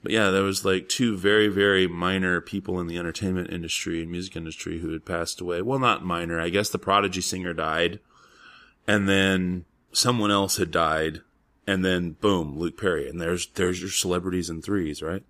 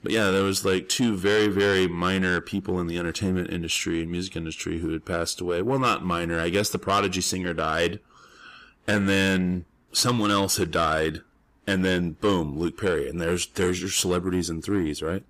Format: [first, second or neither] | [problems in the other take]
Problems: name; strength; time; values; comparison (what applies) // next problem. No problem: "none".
first | distortion; slight; 10 dB below the speech